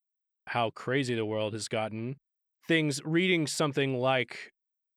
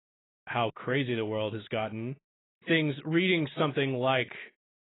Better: first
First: none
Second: garbled, watery; badly; nothing above 3.5 kHz

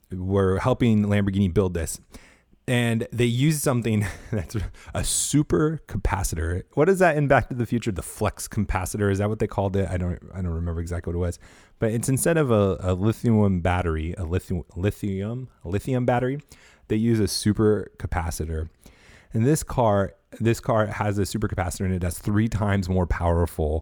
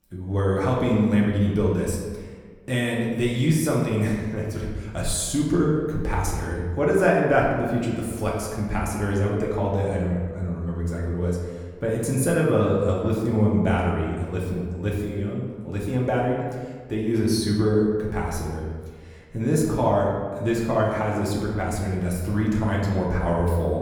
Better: first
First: none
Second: room echo; noticeable; dies away in 1.3 s // off-mic speech; far

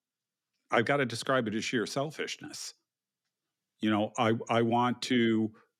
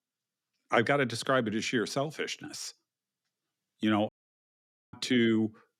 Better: first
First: none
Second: audio cutting out; at 4 s for 1 s

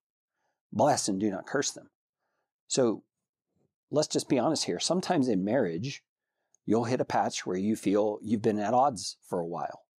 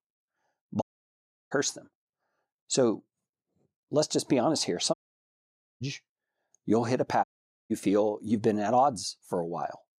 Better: first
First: none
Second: audio cutting out; at 1 s for 0.5 s, at 5 s for 1 s and at 7 s

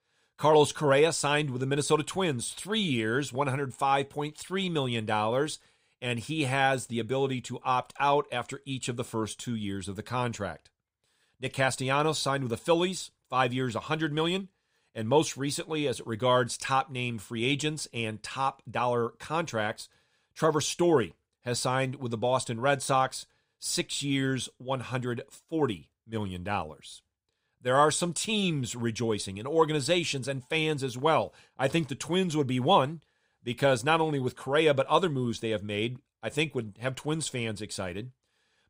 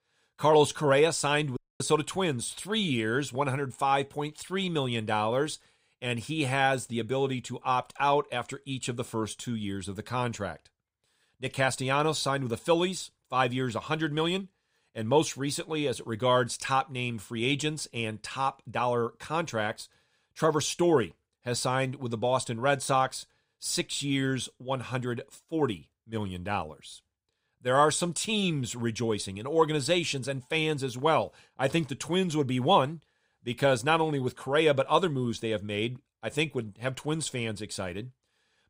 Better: first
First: none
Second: audio cutting out; at 1.5 s

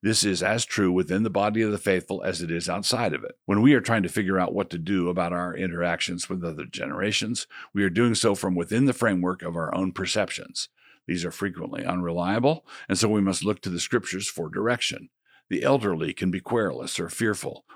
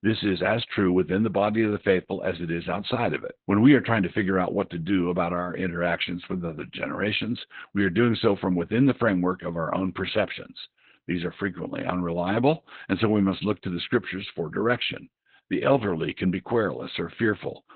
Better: first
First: none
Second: garbled, watery; badly; nothing above 4 kHz

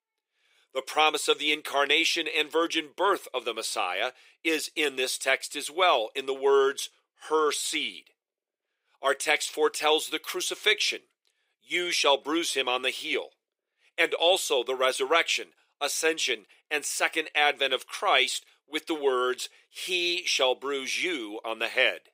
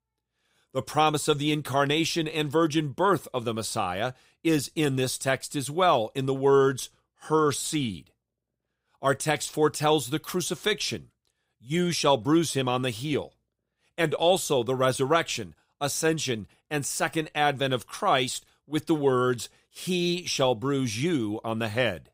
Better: second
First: thin; very; fading below 400 Hz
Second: none

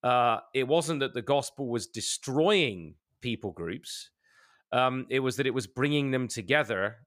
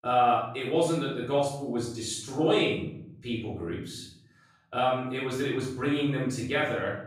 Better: first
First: none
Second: off-mic speech; far // room echo; noticeable; dies away in 0.7 s

